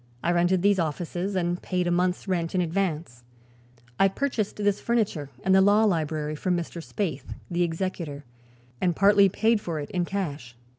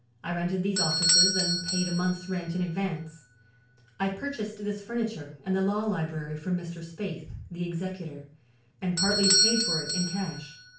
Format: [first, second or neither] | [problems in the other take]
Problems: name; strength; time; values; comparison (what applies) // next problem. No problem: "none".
first | background sound (Bell / Doorbell); as loud as the speech // room echo; dies away in 0.4 s